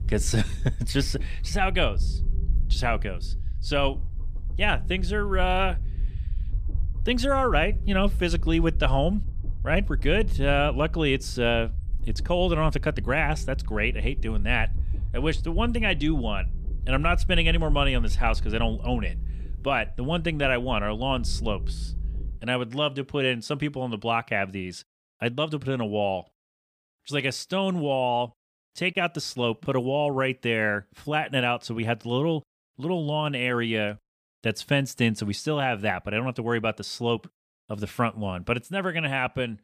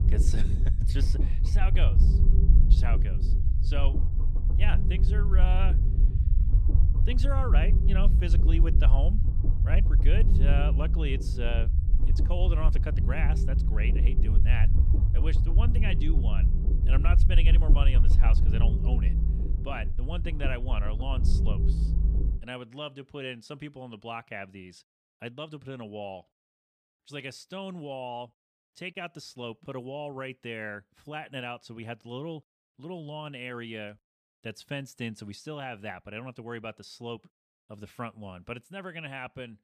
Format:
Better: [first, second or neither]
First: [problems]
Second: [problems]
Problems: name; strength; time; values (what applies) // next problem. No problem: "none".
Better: first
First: low rumble; faint; until 22 s; 25 dB below the speech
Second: low rumble; loud; until 22 s; 5 dB below the speech